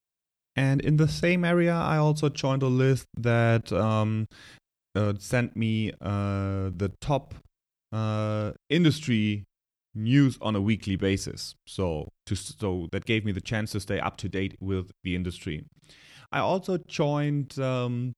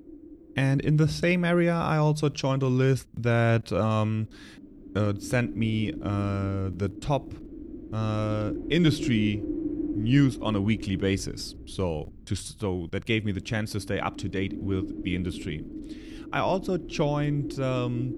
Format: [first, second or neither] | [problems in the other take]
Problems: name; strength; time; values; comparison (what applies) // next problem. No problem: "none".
first | wind noise on the microphone; occasional gusts; 10 dB below the speech